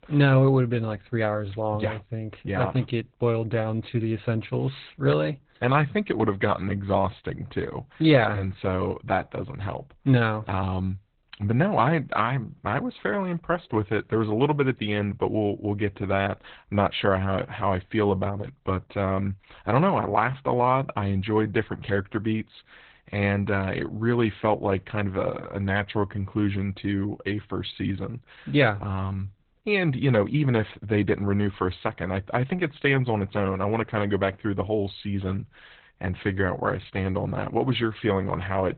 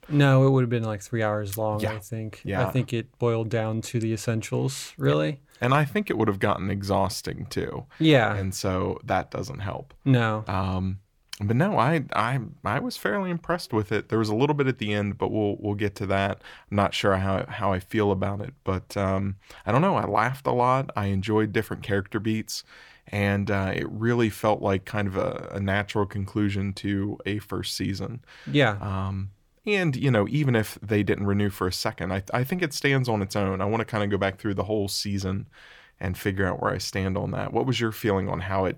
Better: second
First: garbled, watery; badly; nothing above 4 kHz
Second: none

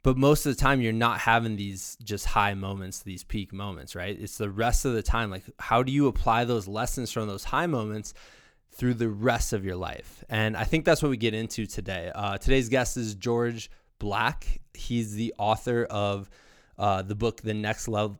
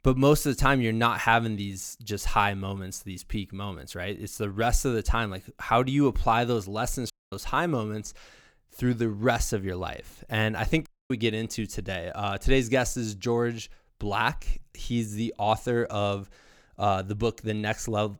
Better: first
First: none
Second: audio cutting out; at 7 s and at 11 s

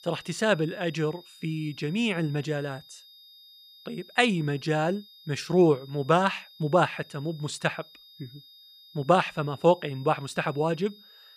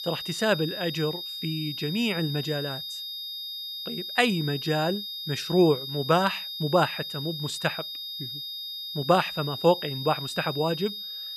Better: first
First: high-pitched whine; faint; throughout; 3.5 kHz, 25 dB below the speech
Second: high-pitched whine; loud; throughout; 3.5 kHz, 6 dB below the speech

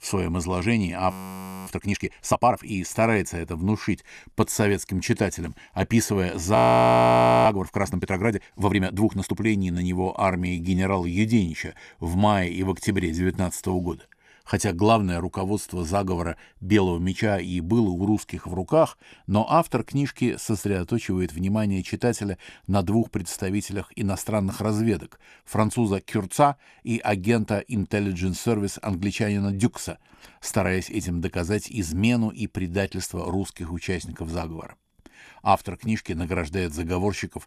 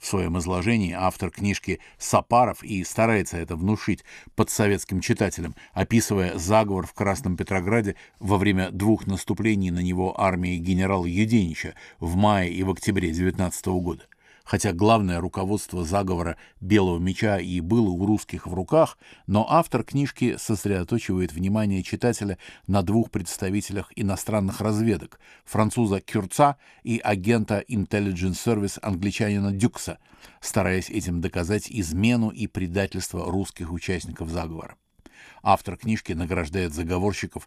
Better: second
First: audio freezing; at 1 s for 0.5 s and at 6.5 s for 1 s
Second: none

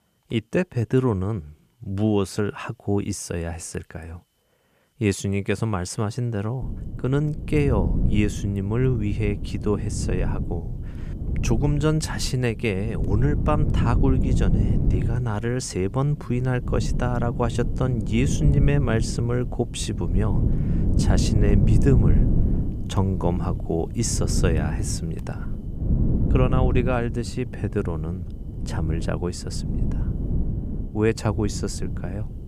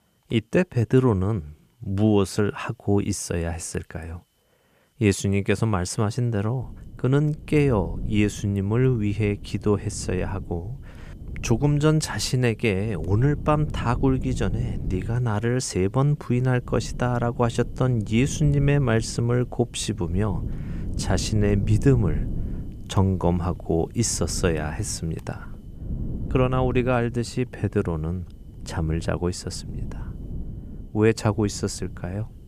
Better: second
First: wind noise on the microphone; heavy; from 6.5 s on; 8 dB below the speech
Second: wind noise on the microphone; occasional gusts; from 6.5 s on; 20 dB below the speech

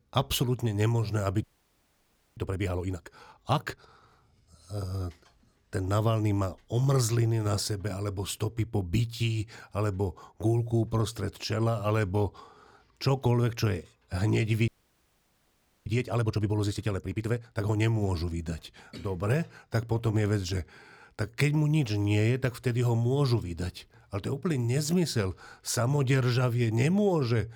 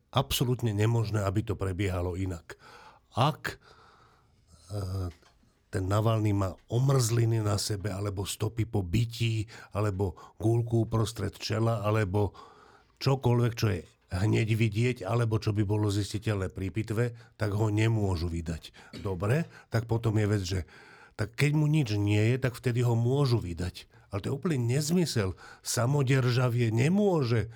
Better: second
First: audio freezing; at 1.5 s for 1 s and at 15 s for 1 s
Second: none

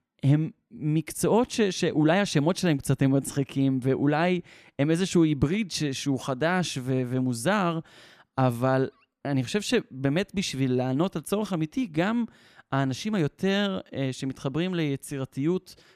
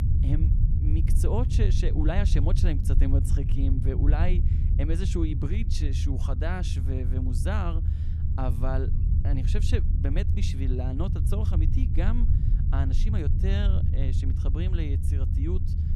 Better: first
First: none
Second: low rumble; loud; throughout; 5 dB below the speech

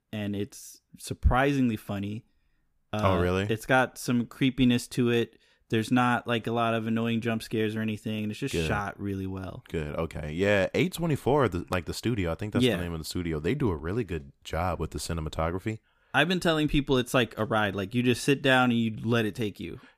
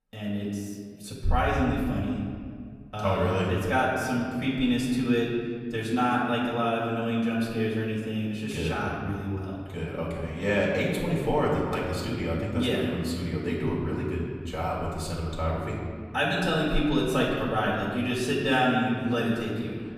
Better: first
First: none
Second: off-mic speech; far // room echo; noticeable; dies away in 1.9 s

